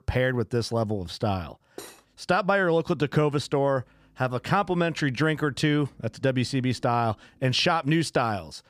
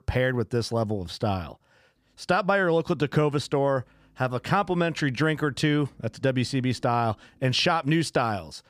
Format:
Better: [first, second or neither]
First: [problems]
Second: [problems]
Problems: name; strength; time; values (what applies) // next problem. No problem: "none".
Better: second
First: clattering dishes; faint; at 2 s; peak 20 dB below the speech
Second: none